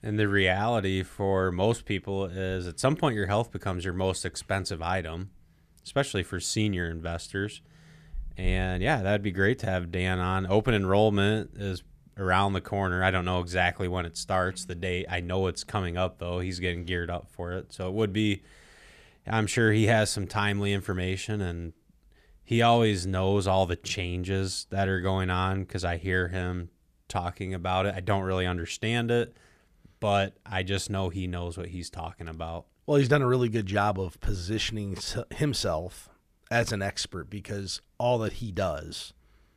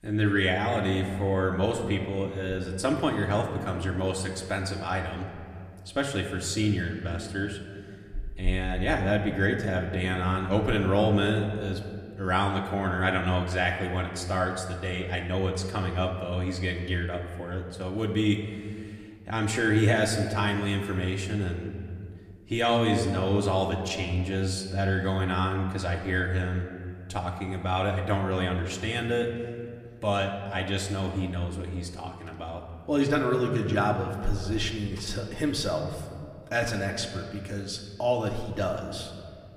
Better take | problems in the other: first | room echo; slight; dies away in 1.9 s // off-mic speech; somewhat distant

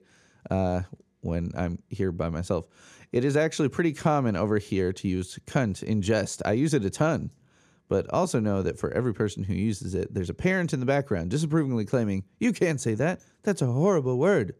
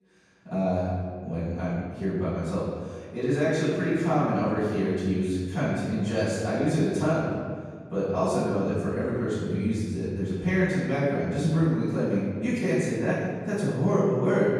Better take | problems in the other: first | off-mic speech; far // room echo; strong; dies away in 1.6 s

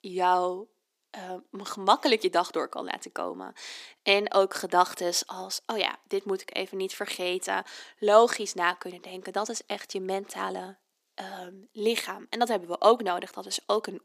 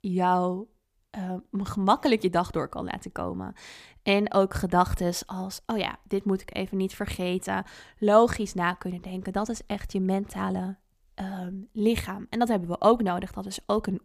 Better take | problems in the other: second | thin; somewhat; fading below 300 Hz

